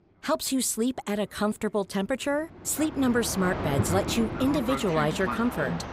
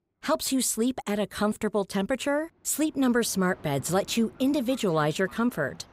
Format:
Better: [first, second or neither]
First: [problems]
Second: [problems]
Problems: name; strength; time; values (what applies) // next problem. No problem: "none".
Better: second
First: train or aircraft noise; loud; throughout; 5 dB below the speech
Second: train or aircraft noise; faint; throughout; 25 dB below the speech